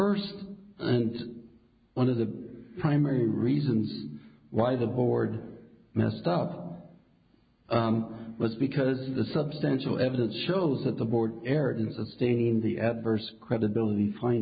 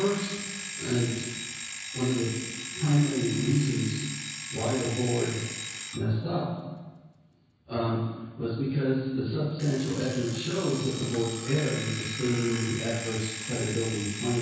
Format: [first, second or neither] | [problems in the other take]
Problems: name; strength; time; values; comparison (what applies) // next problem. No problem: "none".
first | background sound (Alarm); 9 dB below the speech // room echo; dies away in 1.1 s